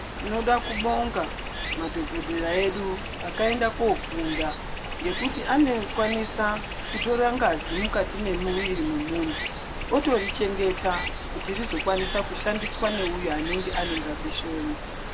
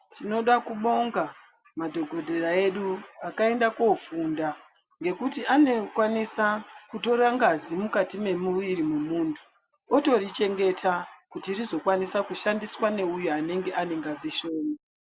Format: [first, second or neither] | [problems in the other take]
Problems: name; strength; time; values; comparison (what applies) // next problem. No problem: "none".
second | background sound (Stream); 5 dB below the speech